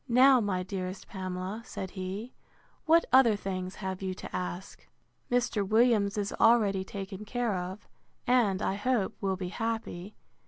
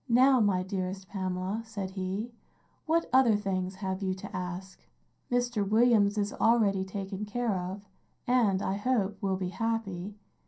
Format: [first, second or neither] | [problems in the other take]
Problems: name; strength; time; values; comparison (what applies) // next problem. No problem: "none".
first | room echo; dies away in 0.3 s